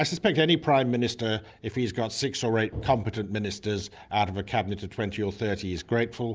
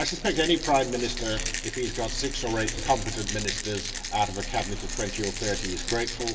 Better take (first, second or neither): first